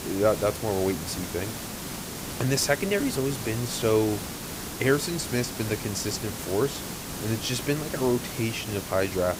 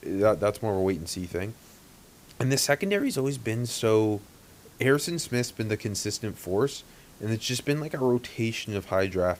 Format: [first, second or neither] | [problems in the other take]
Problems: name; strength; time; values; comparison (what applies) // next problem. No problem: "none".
second | hiss; loud; throughout; 7 dB below the speech; faint in the second